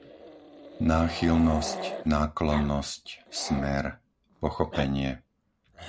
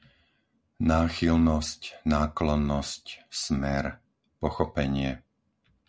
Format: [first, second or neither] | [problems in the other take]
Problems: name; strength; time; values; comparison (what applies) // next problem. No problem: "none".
second | background sound (Growling); 11 dB below the speech